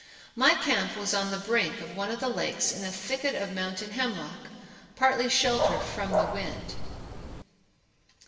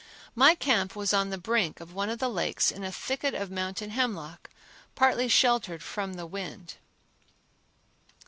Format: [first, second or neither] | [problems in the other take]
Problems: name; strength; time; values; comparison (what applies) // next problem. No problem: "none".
second | background sound (Dog); as loud as the speech // room echo; dies away in 2.3 s